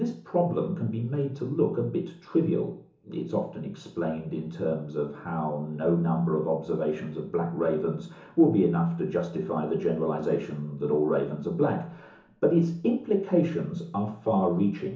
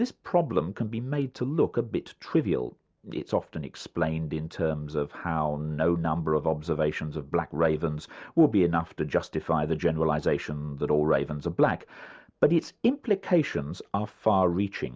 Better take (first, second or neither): second